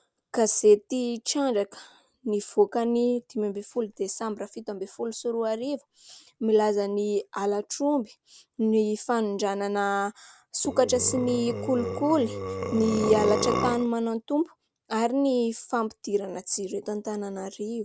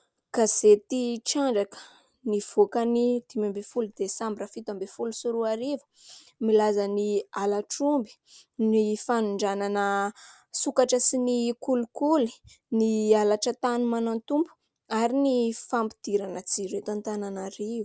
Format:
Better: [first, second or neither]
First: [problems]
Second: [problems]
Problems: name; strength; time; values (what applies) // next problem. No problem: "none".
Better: second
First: background sound (Burping, eructation); 4 dB below the speech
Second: none